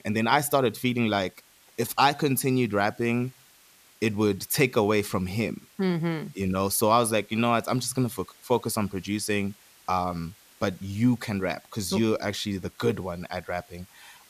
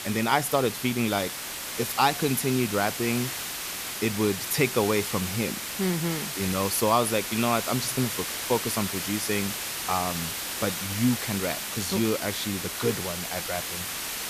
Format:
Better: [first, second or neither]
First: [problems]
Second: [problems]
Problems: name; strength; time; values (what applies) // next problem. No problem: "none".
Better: first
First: hiss; faint; throughout; 25 dB below the speech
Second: hiss; loud; throughout; 3 dB below the speech